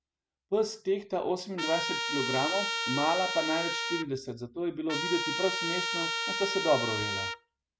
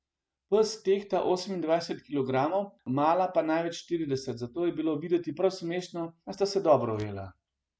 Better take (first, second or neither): second